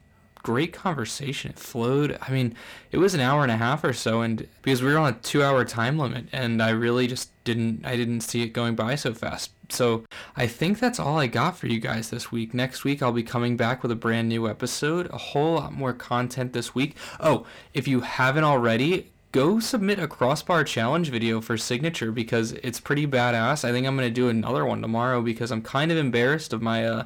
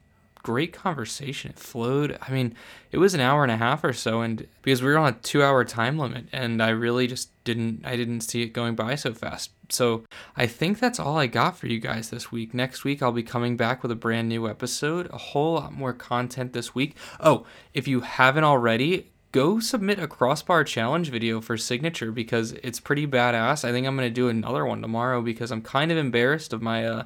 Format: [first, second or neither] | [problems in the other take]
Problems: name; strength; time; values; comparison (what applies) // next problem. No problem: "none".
second | distortion; slight; 10 dB below the speech